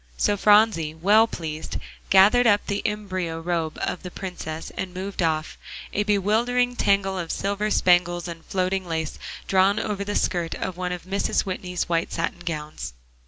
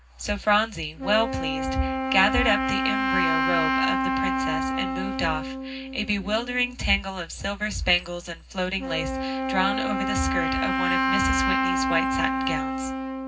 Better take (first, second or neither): first